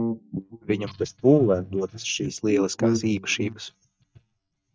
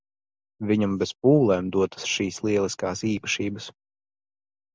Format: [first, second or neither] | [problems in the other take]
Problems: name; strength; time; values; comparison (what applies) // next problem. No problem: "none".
second | noise reduction (neural mask model DeepFilterNet 3)